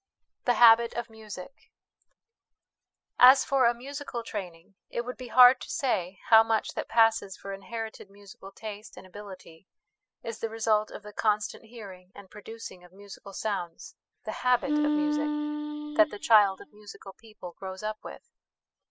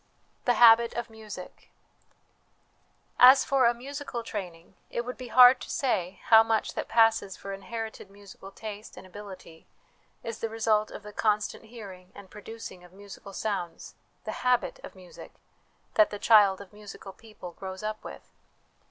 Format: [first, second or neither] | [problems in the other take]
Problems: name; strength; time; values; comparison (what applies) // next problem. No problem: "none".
second | noise reduction (classical method spectral subtraction)